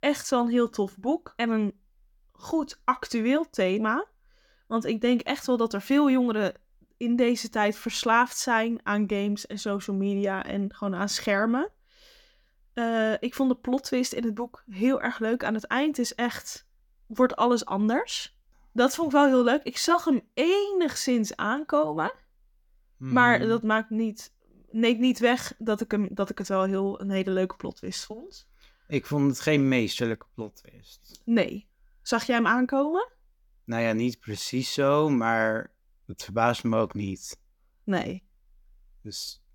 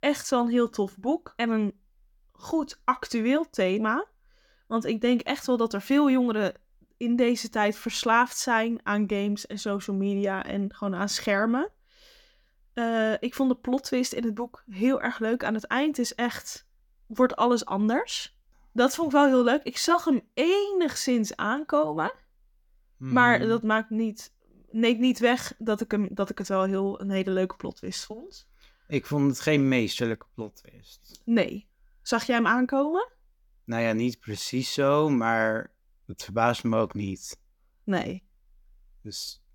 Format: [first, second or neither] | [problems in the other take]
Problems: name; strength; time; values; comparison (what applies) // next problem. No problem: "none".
neither | none